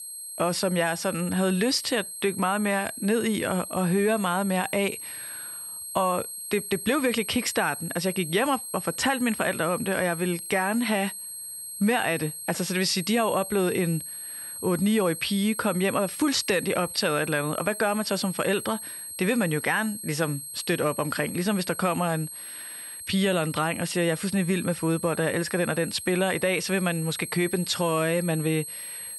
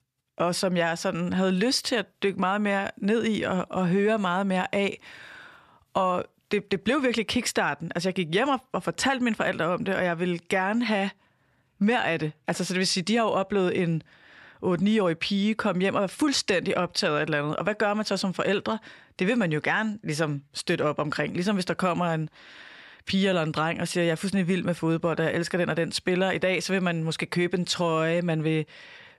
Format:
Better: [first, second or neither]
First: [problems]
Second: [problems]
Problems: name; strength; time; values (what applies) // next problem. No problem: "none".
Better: second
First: high-pitched whine; loud; throughout; 8.5 kHz, 9 dB below the speech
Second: none